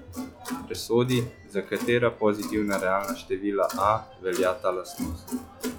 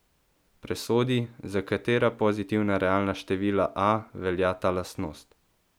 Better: second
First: noise reduction (classical method log-MMSE)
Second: none

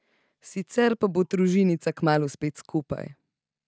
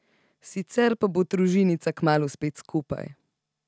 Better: second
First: noise reduction (neural mask model DeepFilterNet 3)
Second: none

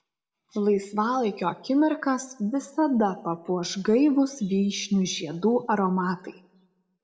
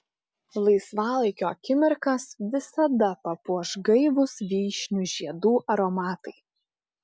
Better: second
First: room echo; dies away in 0.5 s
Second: none

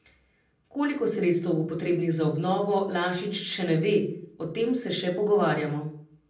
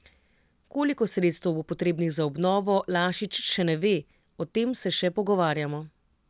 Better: second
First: room echo; dies away in 0.6 s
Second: none

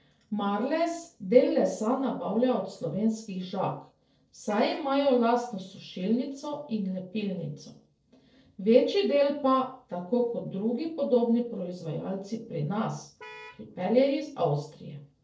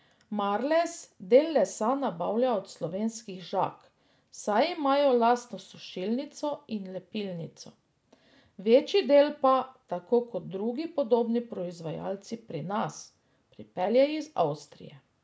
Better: second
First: noise reduction (neural separator model SepFormer DNS4)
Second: none

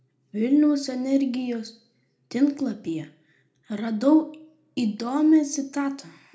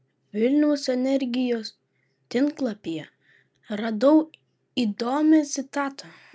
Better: second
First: room echo; dies away in 0.3 s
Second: none

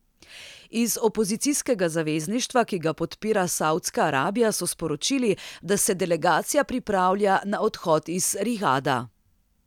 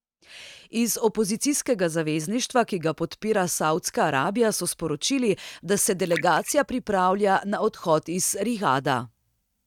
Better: first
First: none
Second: noise reduction (neural mask model RNNoise)

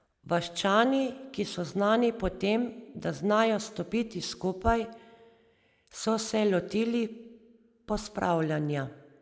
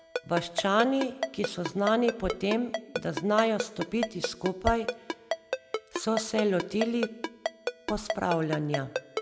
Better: first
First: none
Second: background sound (Ringtone); 6 dB below the speech

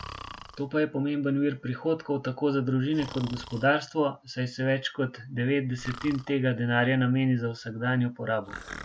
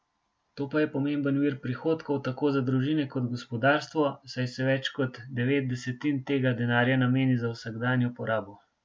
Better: second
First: background sound (Breathing); 19 dB below the speech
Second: none

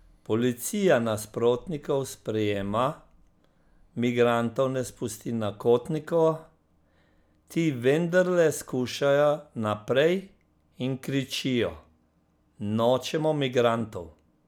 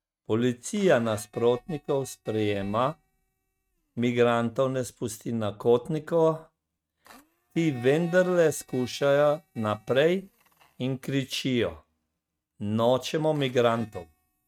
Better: first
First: none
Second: noise reduction (neural mask model RNNoise)

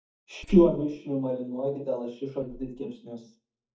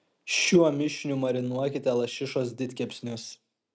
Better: second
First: noise reduction (neural mask model DeepFilterNet 3)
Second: none

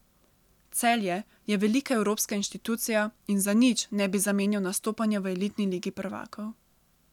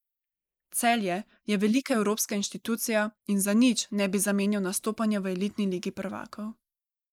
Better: first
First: none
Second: noise reduction (neural mask model Resemble Enhance denoiser)

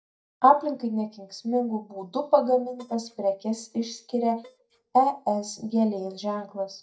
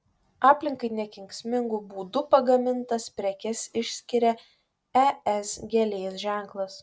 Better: second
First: noise reduction (neural mask model DeepFilterNet 3)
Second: none

